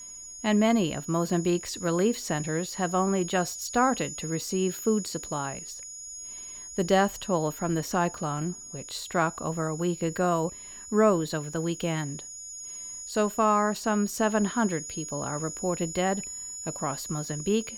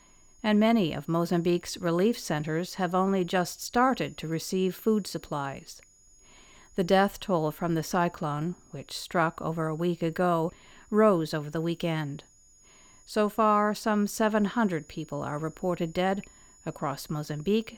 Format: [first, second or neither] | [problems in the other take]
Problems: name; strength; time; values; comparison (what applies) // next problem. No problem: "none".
second | high-pitched whine; loud; throughout; 7 kHz, 10 dB below the speech; faint in the second